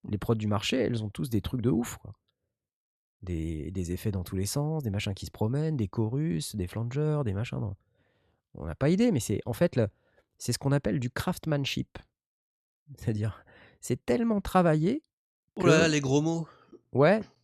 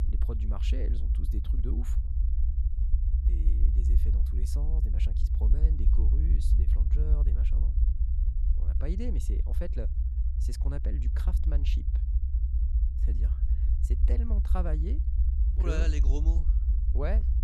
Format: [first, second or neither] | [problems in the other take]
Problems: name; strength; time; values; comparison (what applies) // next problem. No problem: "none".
first | low rumble; loud; throughout; 4 dB below the speech